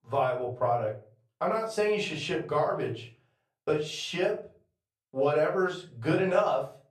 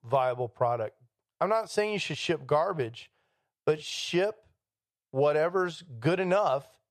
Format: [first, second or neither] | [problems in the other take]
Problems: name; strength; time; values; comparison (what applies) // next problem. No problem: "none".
second | off-mic speech; far // room echo; slight; dies away in 0.3 s